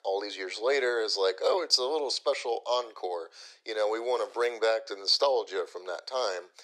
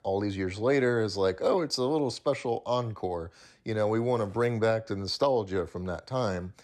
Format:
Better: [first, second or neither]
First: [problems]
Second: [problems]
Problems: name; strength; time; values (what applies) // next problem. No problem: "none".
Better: second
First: thin; very; fading below 400 Hz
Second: none